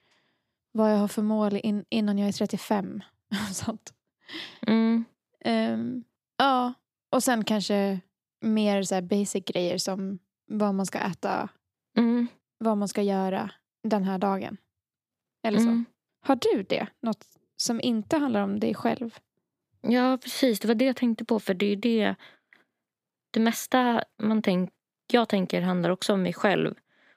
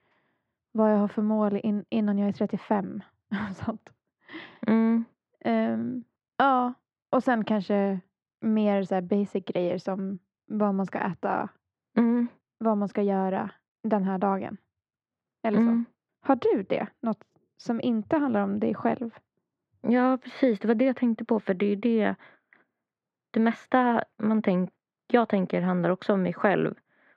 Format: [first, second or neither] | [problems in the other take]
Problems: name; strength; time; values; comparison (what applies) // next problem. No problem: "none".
first | muffled; very; fading above 1.5 kHz